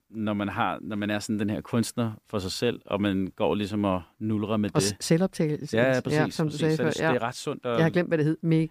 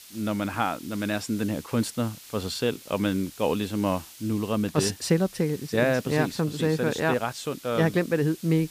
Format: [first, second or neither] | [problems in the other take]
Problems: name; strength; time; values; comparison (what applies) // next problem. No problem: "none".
first | hiss; noticeable; throughout; 20 dB below the speech